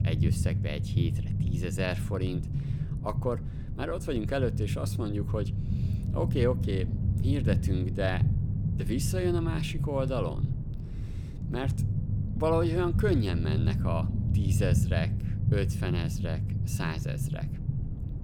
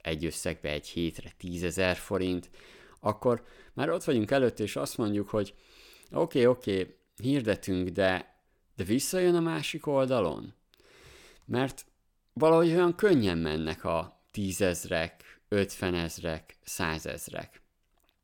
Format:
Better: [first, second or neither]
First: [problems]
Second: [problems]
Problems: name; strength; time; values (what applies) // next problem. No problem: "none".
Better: second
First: low rumble; loud; throughout; 8 dB below the speech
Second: none